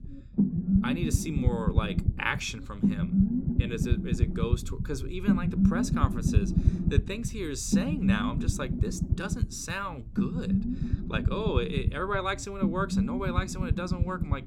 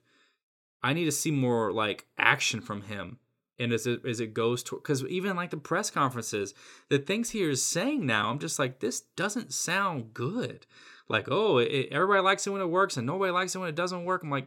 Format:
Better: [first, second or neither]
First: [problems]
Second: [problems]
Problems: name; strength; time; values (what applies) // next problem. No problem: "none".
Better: second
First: low rumble; loud; throughout; 3 dB below the speech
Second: none